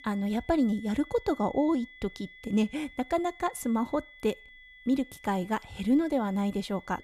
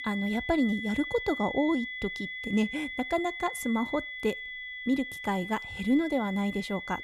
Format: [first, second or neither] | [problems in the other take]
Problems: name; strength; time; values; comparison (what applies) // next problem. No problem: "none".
first | high-pitched whine; loud; throughout; 2 kHz, 6 dB below the speech; faint in the first